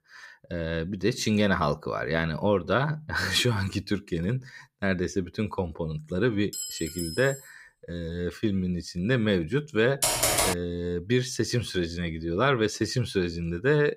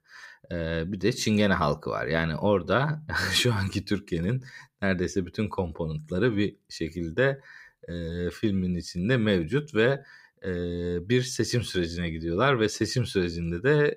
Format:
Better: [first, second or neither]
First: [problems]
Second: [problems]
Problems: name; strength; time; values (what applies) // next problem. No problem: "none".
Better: second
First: clattering dishes; noticeable; at 6.5 s; peak 6 dB below the speech // keyboard typing; loud; at 10 s; peak 5 dB above the speech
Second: none